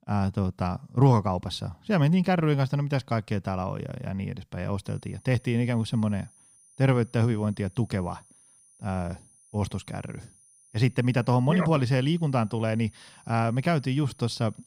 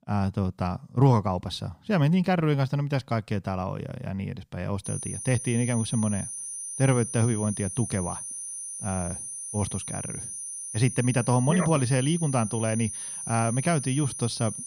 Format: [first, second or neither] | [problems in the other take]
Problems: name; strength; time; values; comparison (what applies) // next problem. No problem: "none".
first | high-pitched whine; loud; from 5 s on; 9 kHz, 7 dB below the speech; faint in the first